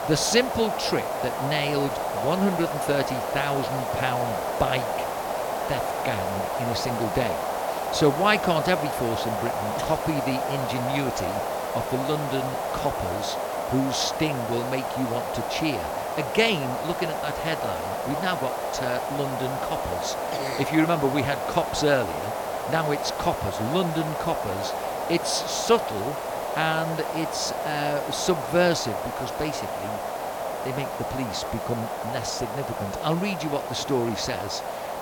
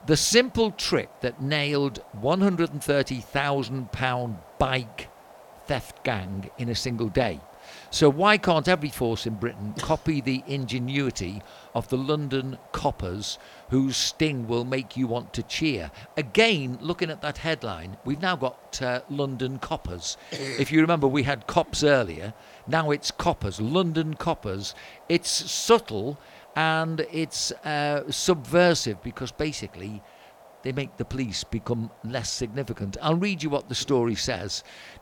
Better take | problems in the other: second | hiss; loud; throughout; 2 dB below the speech; faint in the second

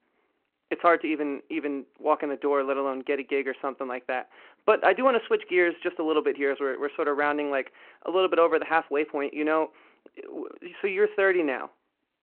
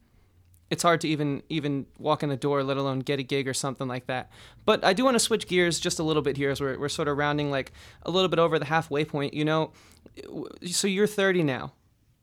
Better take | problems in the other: second | phone-call audio

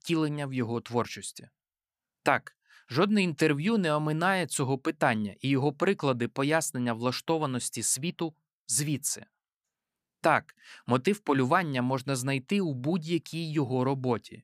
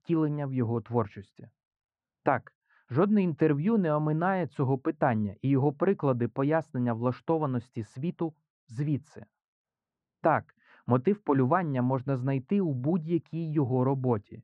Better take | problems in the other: first | muffled; very; fading above 1 kHz

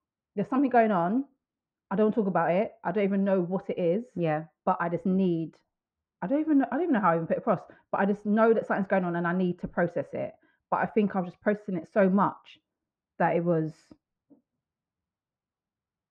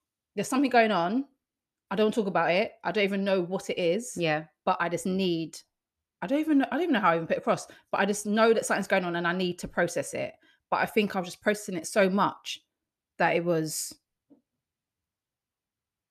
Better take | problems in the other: second | muffled; very; fading above 1 kHz

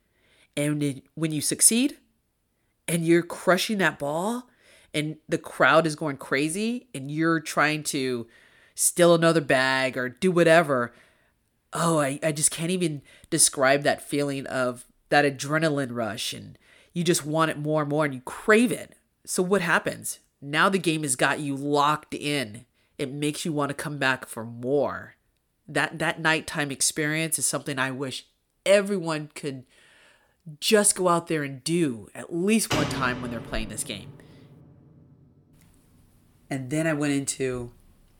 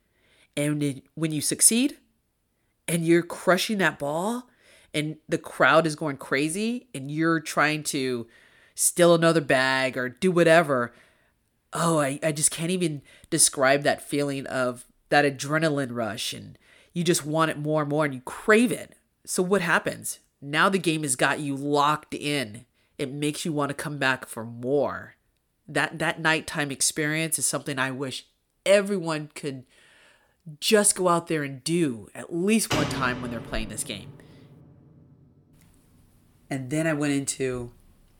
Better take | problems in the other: neither | door banging; noticeable; from 33 to 34 s; peak 3 dB below the speech; the same in both

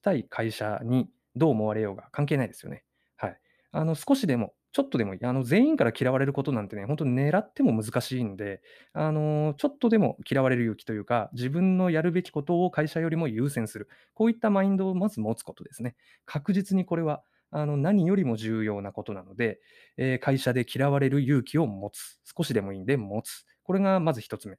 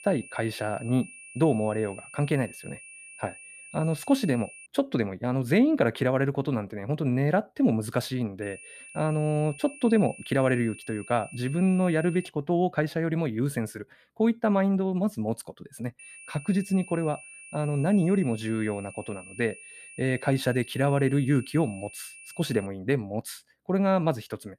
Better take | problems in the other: first | high-pitched whine; noticeable; until 4.5 s, from 8.5 to 12 s and from 16 to 23 s; 2.5 kHz, 15 dB below the speech

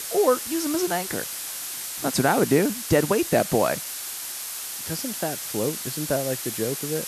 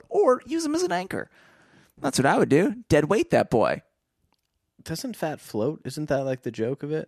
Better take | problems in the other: second | hiss; loud; throughout; 5 dB below the speech

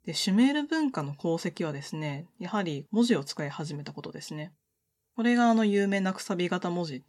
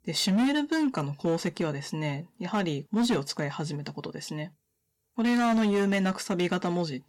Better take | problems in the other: first | distortion; slight; 9% of the sound clipped

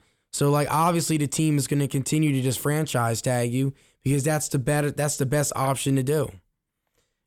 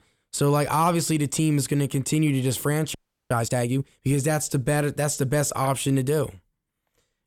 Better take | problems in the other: first | audio freezing; at 3 s

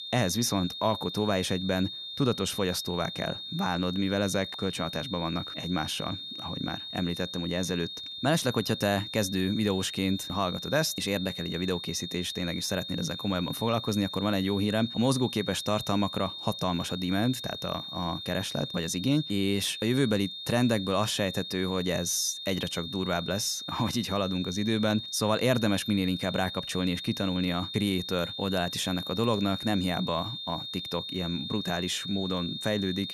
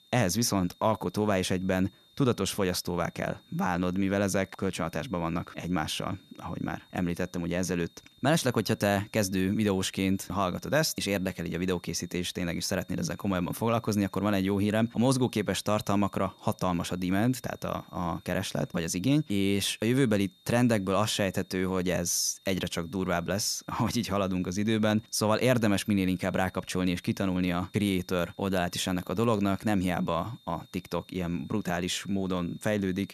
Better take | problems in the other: second | high-pitched whine; loud; throughout; 3.5 kHz, 7 dB below the speech; faint in the second

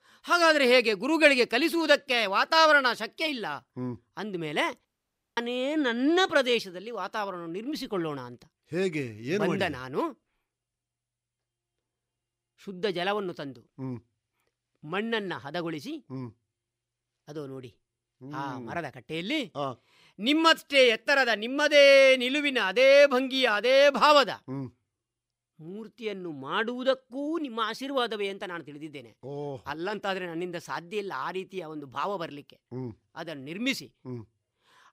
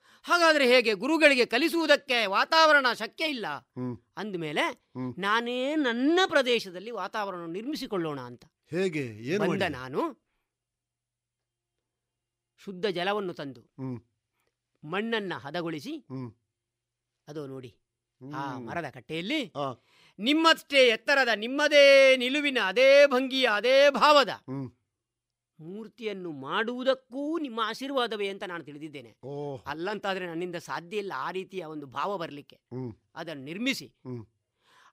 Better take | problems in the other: second | audio cutting out; at 5 s for 0.5 s

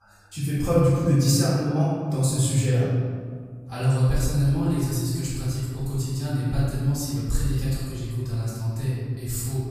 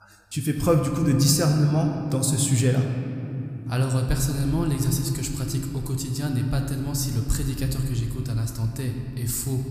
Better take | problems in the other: second | room echo; strong; dies away in 1.8 s; slight in the second // off-mic speech; far

